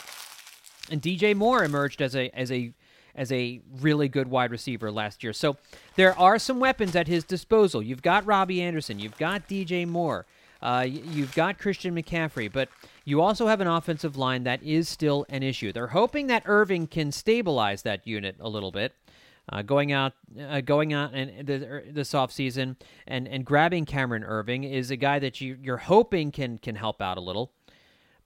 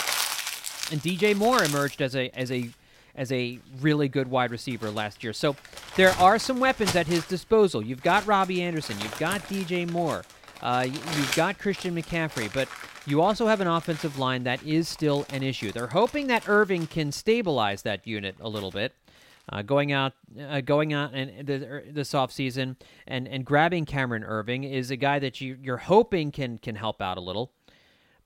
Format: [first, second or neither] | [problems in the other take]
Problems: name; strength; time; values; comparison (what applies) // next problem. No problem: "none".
first | household noises; loud; throughout; 9 dB below the speech; faint in the first